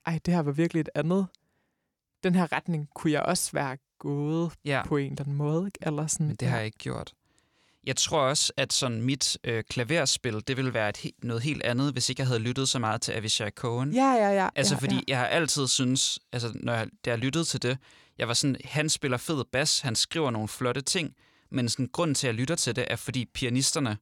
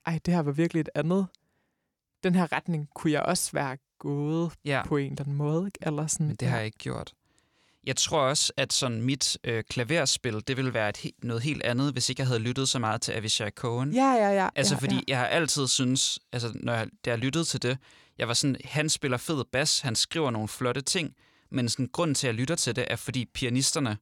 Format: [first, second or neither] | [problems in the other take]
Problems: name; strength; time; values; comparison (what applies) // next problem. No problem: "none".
neither | none